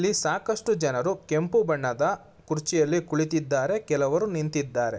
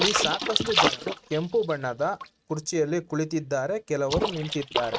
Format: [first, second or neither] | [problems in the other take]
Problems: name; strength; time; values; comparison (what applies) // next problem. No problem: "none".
first | noise reduction (neural mask model RNNoise)